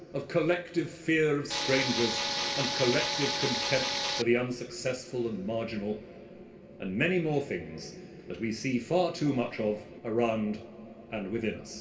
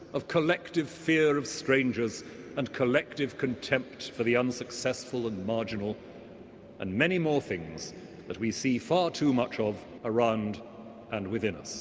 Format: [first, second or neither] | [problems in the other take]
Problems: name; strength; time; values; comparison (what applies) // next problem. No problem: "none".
second | background sound (Tools); as loud as the speech // room echo; dies away in 0.3 s